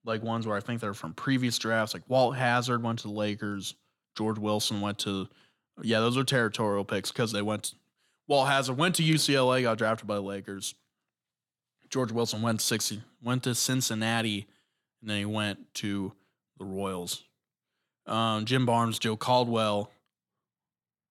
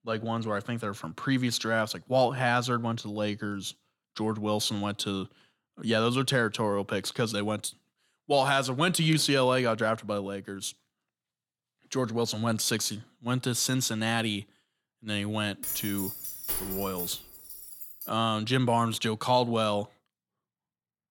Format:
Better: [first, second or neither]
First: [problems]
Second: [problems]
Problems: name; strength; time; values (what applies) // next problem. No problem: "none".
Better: first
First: none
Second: jangling keys; noticeable; from 16 to 18 s; peak 2 dB below the speech